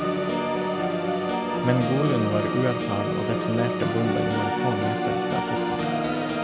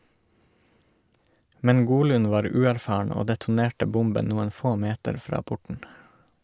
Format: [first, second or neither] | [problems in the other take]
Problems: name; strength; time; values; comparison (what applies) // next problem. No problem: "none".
second | background sound (Organ); 3 dB above the speech